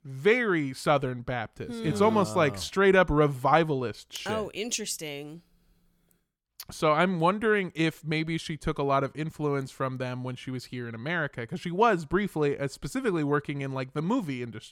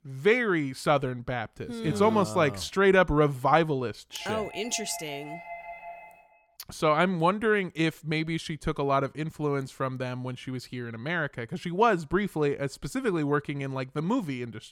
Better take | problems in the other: first | doorbell; faint; from 4 to 6 s; peak 15 dB below the speech

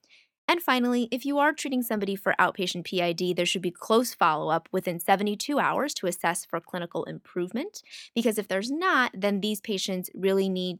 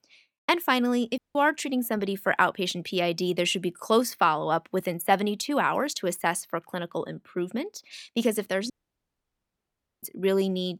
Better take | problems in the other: first | audio cutting out; at 1 s and at 8.5 s for 1.5 s

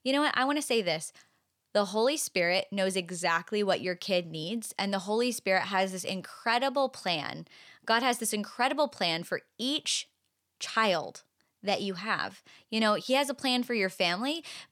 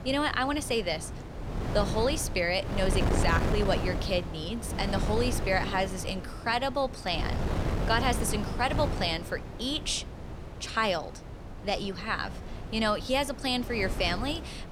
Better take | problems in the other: first | wind noise on the microphone; heavy; 9 dB below the speech

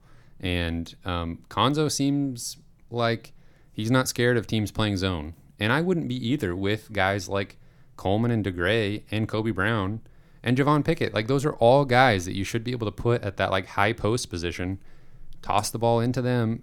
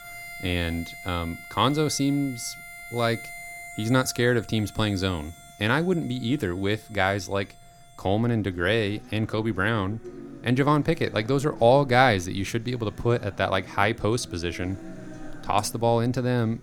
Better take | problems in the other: first | background music; noticeable; throughout; 15 dB below the speech

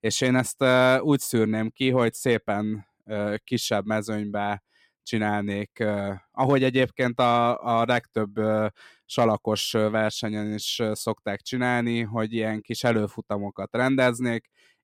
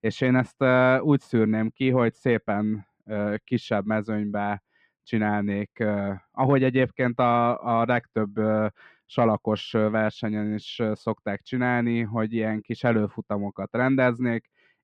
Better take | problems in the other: first | muffled; very; fading above 2 kHz

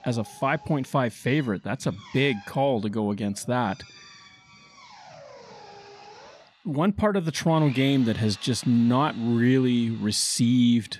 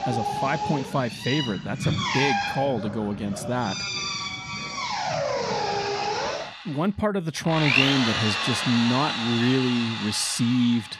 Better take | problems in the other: first | machinery noise; loud; throughout; 1 dB below the speech; faint in the first

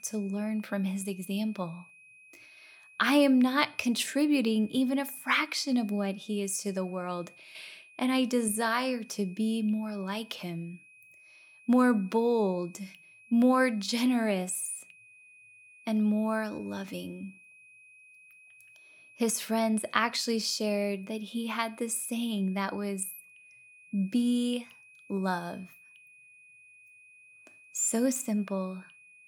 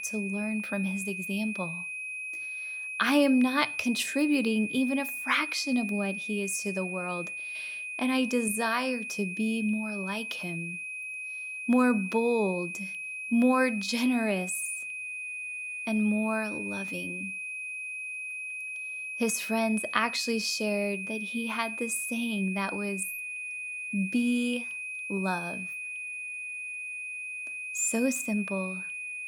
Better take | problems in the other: first | high-pitched whine; loud; throughout; 2.5 kHz, 5 dB below the speech; faint in the first

